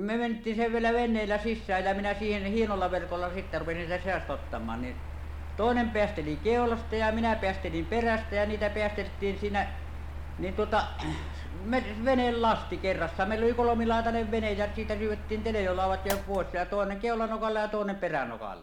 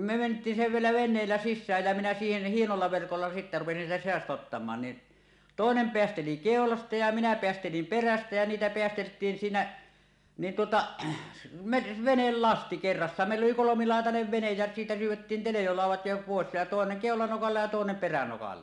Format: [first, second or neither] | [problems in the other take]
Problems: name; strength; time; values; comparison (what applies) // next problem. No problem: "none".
second | background sound (Mechanical fan); 9 dB below the speech